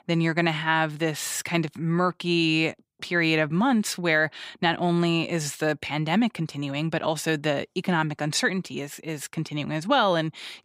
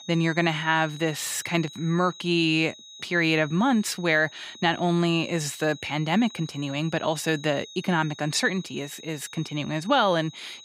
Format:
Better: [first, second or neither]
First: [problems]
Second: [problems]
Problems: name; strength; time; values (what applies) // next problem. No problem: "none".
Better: first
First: none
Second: high-pitched whine; noticeable; throughout; 4 kHz, 20 dB below the speech